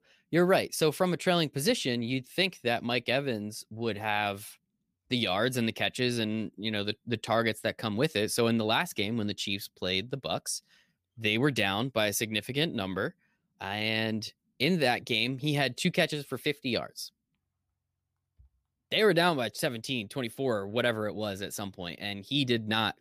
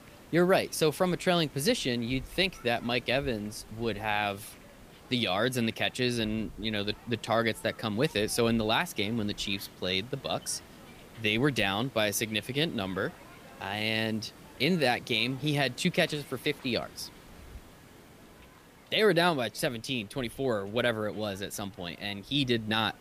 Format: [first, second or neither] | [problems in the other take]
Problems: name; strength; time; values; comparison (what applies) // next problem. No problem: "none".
first | hiss; faint; throughout; 20 dB below the speech